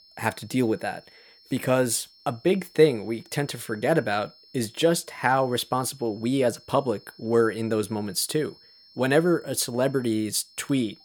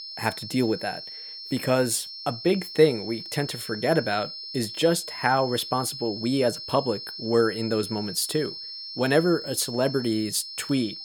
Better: first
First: high-pitched whine; faint; throughout; 5.5 kHz, 25 dB below the speech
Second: high-pitched whine; loud; throughout; 5.5 kHz, 9 dB below the speech

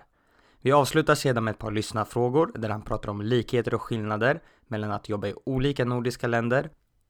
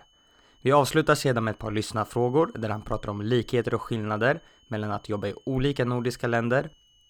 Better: first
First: none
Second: high-pitched whine; faint; throughout; 3 kHz, 35 dB below the speech

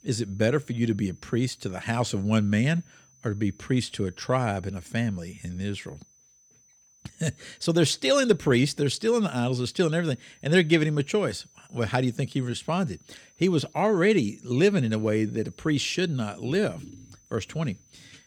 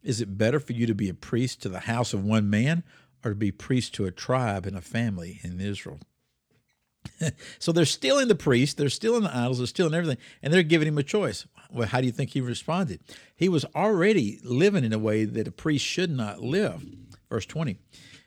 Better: second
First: high-pitched whine; faint; throughout; 6 kHz, 30 dB below the speech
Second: none

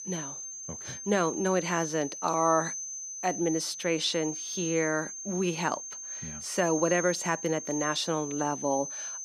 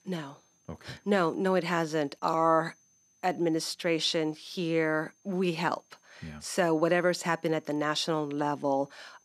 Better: second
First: high-pitched whine; loud; throughout; 6.5 kHz, 6 dB below the speech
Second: high-pitched whine; faint; throughout; 6.5 kHz, 35 dB below the speech

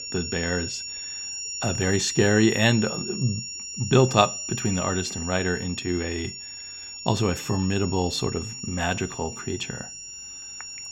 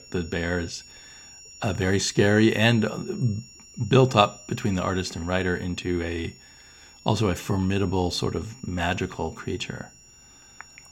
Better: second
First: high-pitched whine; loud; throughout; 5.5 kHz, 7 dB below the speech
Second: high-pitched whine; faint; throughout; 5.5 kHz, 20 dB below the speech

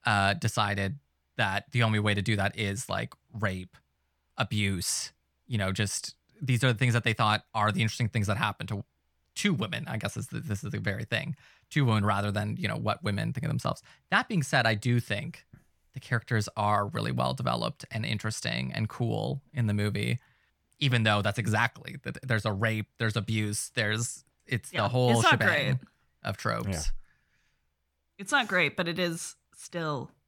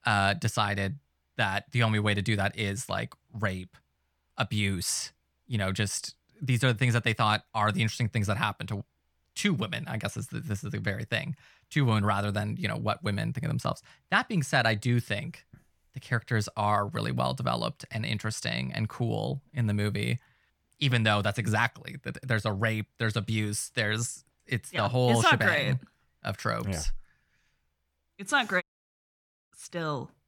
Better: first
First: none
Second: audio cutting out; at 29 s for 1 s

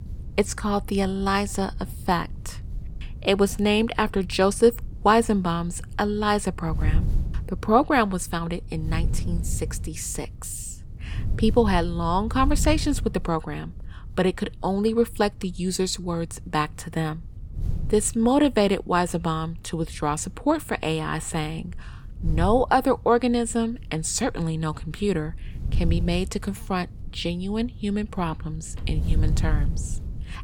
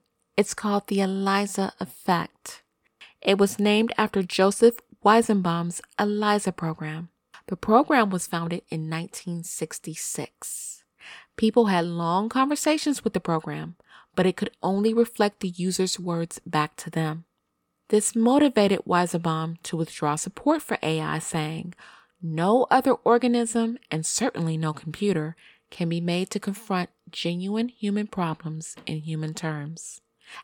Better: second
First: wind noise on the microphone; occasional gusts; 25 dB below the speech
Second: none

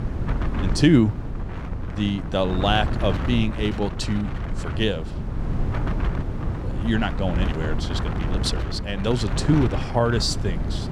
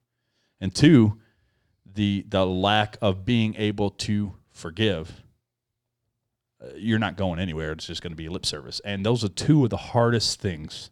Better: second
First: wind noise on the microphone; heavy; 9 dB below the speech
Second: none

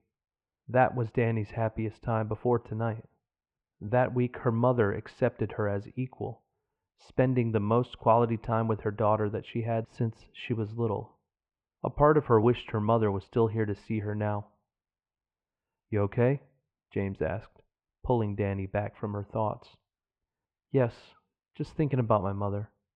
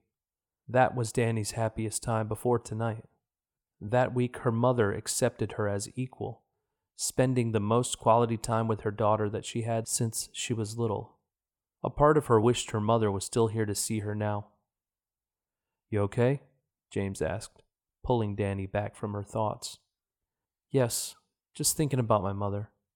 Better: second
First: muffled; very; fading above 2.5 kHz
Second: none

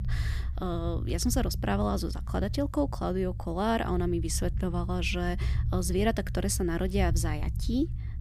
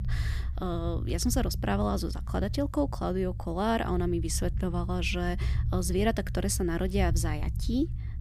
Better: neither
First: low rumble; noticeable; throughout; 15 dB below the speech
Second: low rumble; noticeable; throughout; 15 dB below the speech

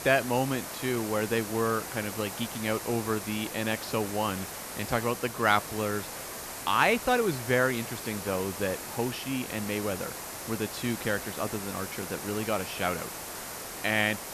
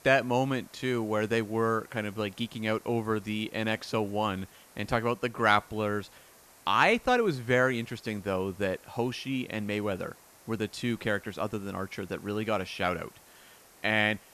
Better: second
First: hiss; loud; throughout; 7 dB below the speech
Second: hiss; faint; throughout; 25 dB below the speech

